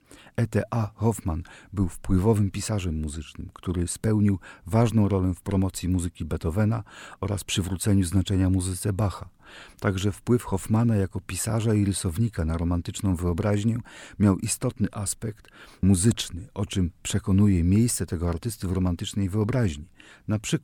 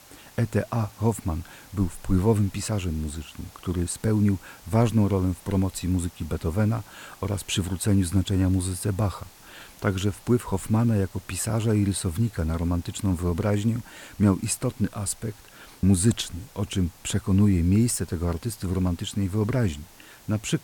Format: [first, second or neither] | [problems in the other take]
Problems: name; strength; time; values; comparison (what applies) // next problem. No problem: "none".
first | hiss; faint; throughout; 25 dB below the speech